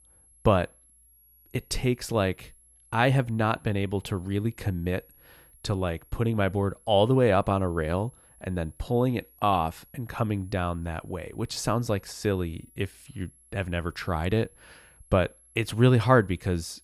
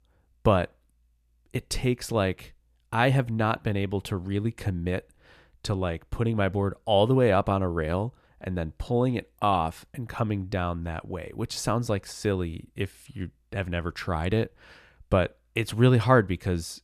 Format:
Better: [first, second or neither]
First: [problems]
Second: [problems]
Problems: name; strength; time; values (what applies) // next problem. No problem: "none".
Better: second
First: high-pitched whine; faint; throughout; 11.5 kHz, 30 dB below the speech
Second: none